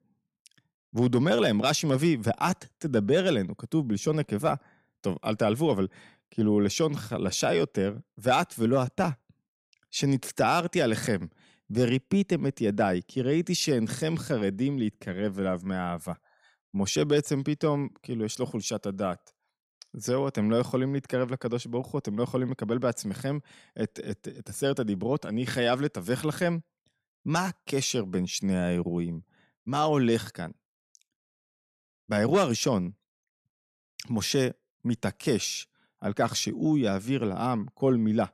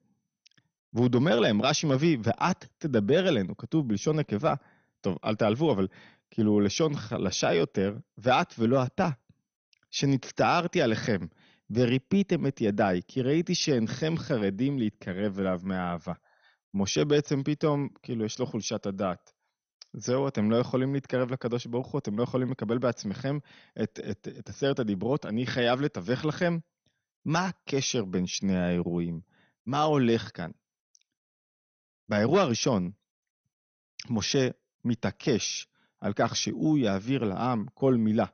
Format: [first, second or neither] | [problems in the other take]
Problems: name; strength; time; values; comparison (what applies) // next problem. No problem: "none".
first | garbled, watery; slightly; nothing above 6.5 kHz